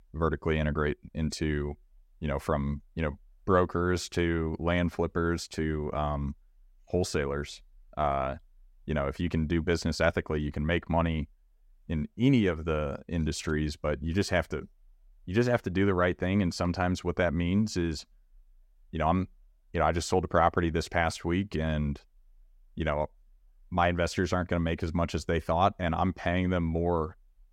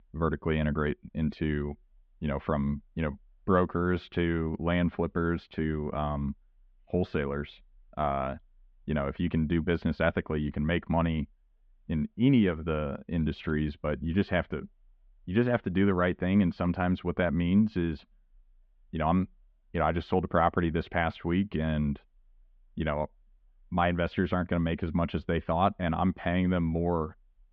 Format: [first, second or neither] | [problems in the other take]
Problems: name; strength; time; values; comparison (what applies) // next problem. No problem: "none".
first | muffled; very; fading above 3.5 kHz